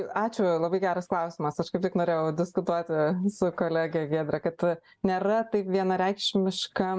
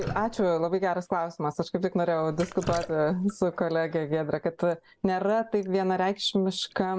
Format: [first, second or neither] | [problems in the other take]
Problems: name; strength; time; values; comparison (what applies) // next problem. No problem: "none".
first | background sound (Drip); 17 dB below the speech